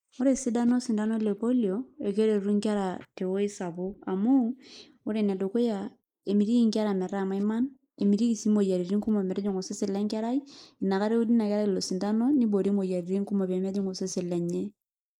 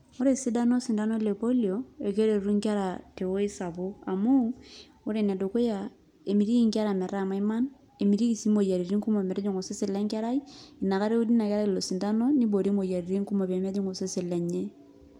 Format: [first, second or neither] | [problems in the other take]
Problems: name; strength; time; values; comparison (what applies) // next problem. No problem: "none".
second | noise reduction (neural mask model Resemble Enhance denoiser)